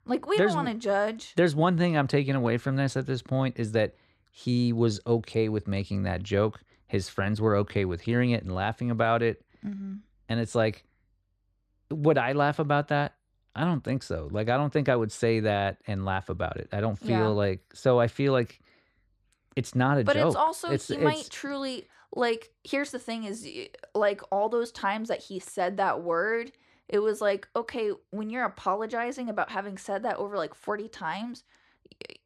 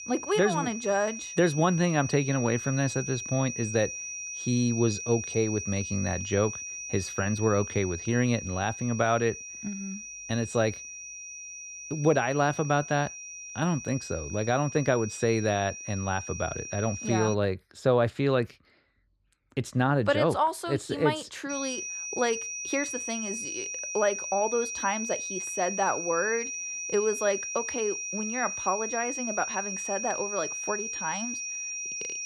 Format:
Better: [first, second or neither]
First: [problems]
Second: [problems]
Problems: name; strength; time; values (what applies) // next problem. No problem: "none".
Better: first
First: none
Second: high-pitched whine; loud; until 17 s and from 22 s on; 6 kHz, 6 dB below the speech